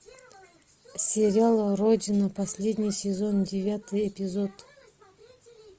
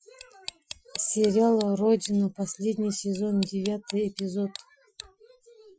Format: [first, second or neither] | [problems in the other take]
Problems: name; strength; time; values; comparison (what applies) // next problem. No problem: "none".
first | noise reduction (classical method Wiener filter)